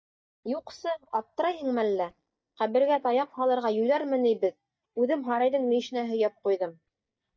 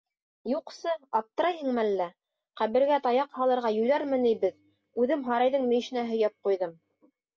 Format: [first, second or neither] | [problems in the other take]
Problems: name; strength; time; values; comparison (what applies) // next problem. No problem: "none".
second | noise reduction (neural mask model DeepFilterNet 3)